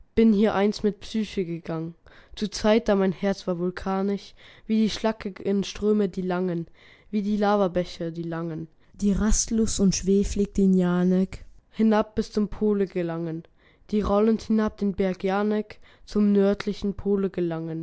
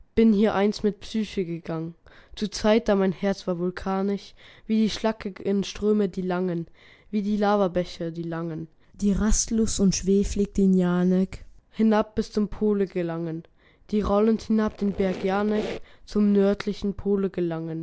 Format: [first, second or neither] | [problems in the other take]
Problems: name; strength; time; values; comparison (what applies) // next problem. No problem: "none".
first | background sound (Squeak); 13 dB below the speech